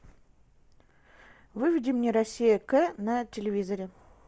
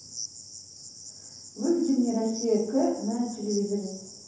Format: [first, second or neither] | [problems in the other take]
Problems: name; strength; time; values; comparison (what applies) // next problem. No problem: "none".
first | background sound (Cricket); 14 dB below the speech // room echo; dies away in 0.9 s